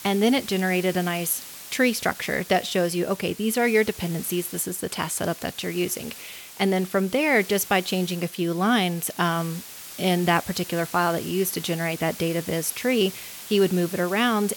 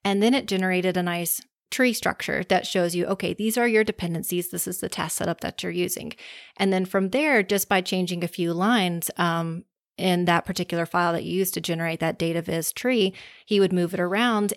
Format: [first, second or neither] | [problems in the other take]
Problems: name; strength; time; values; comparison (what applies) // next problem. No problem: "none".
second | hiss; noticeable; throughout; 15 dB below the speech